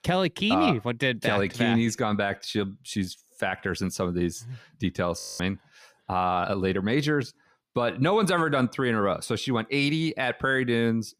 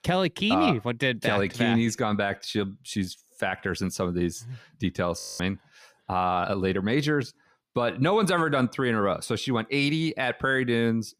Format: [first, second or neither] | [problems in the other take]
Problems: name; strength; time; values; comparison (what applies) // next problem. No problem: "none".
neither | audio freezing; at 5 s; the same in both